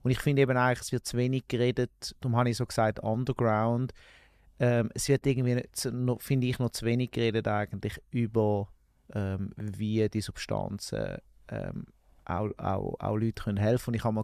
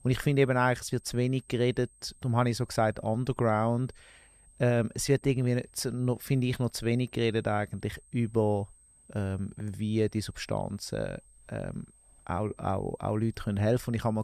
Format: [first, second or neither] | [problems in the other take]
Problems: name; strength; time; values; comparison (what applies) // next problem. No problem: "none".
first | high-pitched whine; faint; throughout; 8.5 kHz, 30 dB below the speech